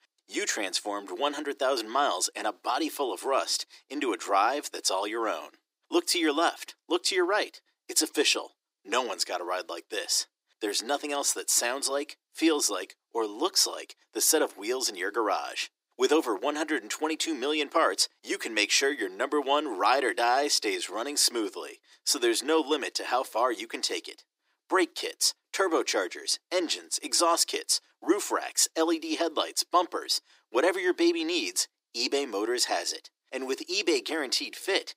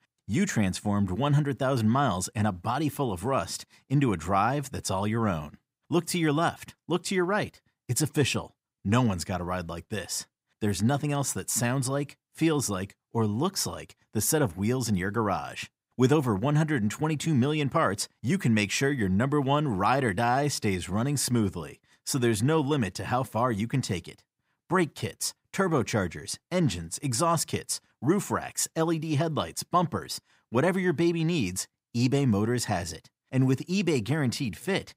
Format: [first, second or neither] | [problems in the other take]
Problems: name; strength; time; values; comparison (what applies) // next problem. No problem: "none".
second | thin; very; fading below 300 Hz